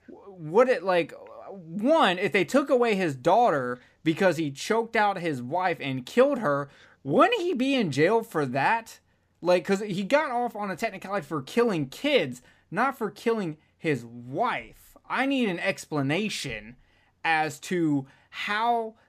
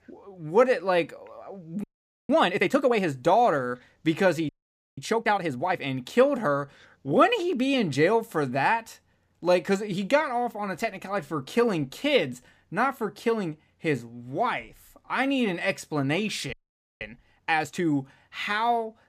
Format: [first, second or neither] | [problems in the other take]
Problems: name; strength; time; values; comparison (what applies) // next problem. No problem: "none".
first | audio freezing; at 2 s, at 4.5 s and at 17 s